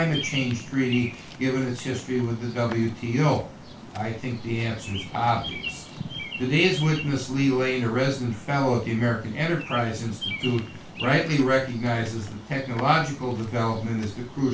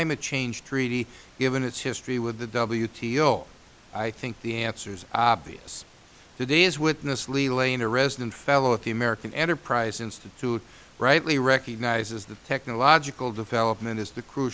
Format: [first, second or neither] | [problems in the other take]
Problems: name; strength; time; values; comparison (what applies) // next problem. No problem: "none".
second | background sound (Bird vocalization, bird call, bird song); 13 dB below the speech // room echo; dies away in 0.2 s